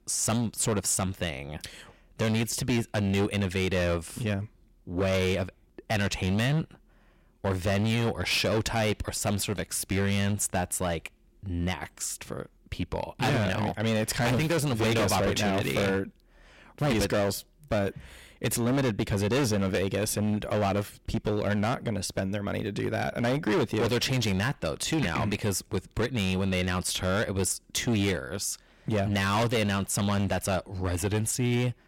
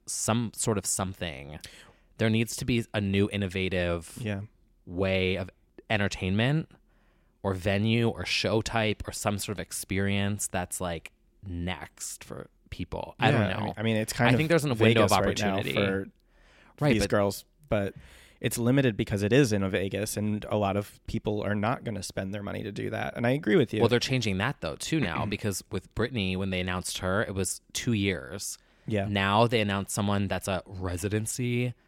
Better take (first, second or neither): second